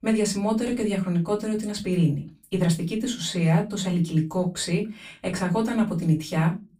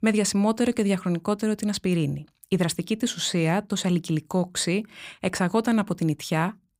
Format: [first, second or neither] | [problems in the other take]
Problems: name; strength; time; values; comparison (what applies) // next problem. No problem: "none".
second | off-mic speech; far // room echo; very slight; dies away in 0.2 s